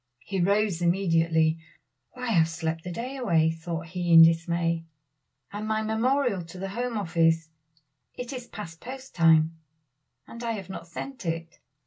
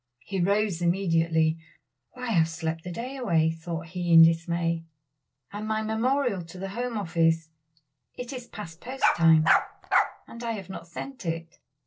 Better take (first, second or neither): first